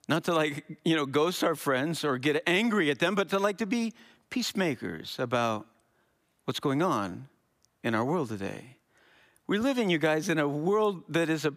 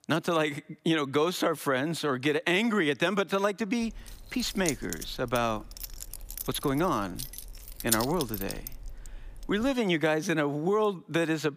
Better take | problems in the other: first | jangling keys; noticeable; from 4 to 9.5 s; peak 1 dB below the speech

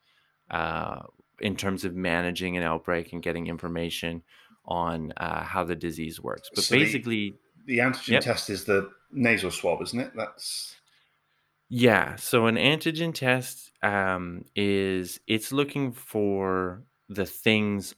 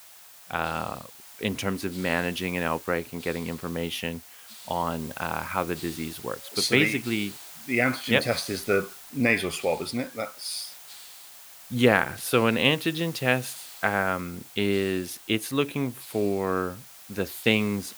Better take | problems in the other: first | hiss; noticeable; throughout; 15 dB below the speech

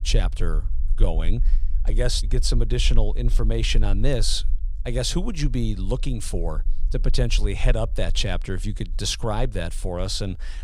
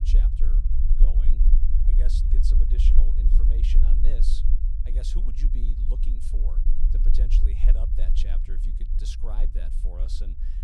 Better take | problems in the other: first | low rumble; loud; throughout; 1 dB below the speech; faint in the first

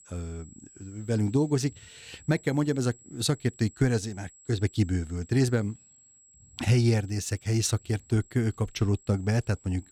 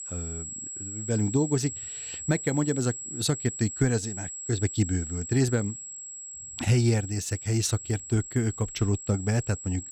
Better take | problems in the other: first | high-pitched whine; loud; throughout; 7.5 kHz, 8 dB below the speech; faint in the first

